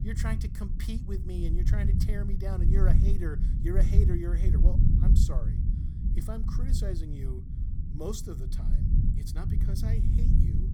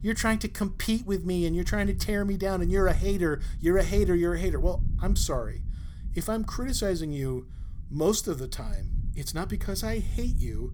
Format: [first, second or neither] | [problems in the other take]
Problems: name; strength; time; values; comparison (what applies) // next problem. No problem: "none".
second | low rumble; loud; throughout; 1 dB below the speech; faint in the second